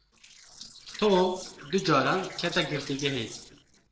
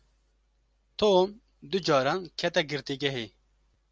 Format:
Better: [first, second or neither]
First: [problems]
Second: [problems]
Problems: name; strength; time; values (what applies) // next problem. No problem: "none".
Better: second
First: noise reduction (neural separator model SepFormer DNS4)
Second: none